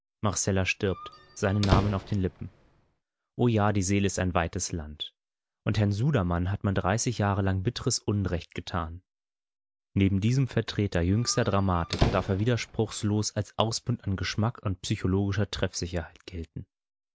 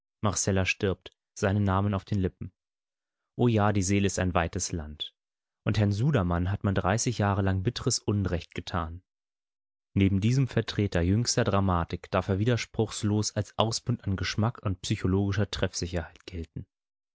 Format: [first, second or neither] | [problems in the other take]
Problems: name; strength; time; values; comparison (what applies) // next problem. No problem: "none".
second | background sound (Squeak); 6 dB below the speech